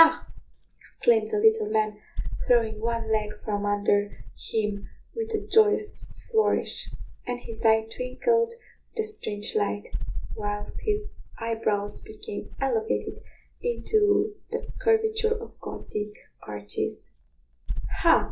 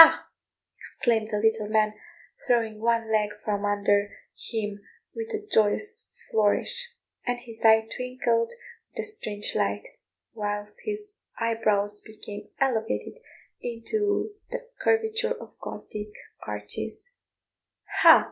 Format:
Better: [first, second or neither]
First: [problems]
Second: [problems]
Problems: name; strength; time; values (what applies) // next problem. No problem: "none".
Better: second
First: background sound (Insect); 6 dB below the speech // room echo; dies away in 0.2 s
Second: none